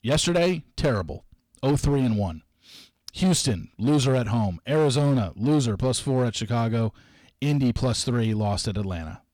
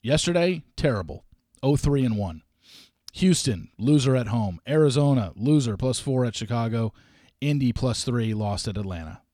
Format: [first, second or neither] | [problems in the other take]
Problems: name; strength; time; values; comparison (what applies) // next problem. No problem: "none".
second | distortion; slight; 8% of the sound clipped